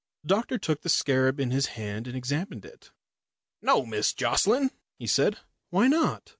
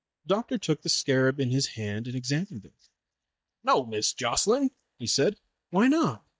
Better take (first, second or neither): first